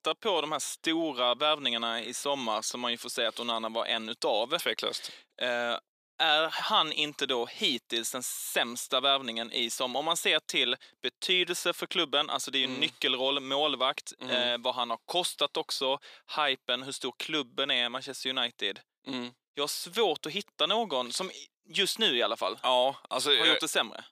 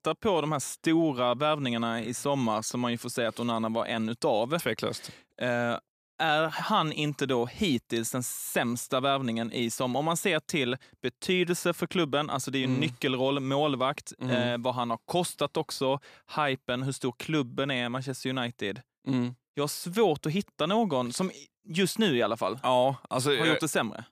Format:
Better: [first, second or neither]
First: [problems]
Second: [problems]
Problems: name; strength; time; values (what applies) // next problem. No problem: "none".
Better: second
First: thin; somewhat; fading below 400 Hz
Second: none